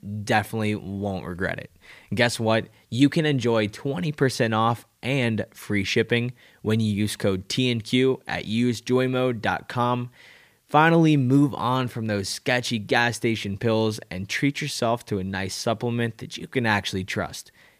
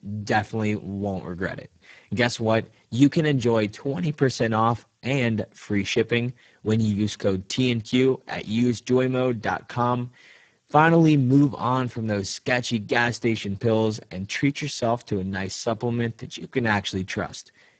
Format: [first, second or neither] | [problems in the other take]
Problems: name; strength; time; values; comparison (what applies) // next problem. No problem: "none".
first | garbled, watery; badly; nothing above 7.5 kHz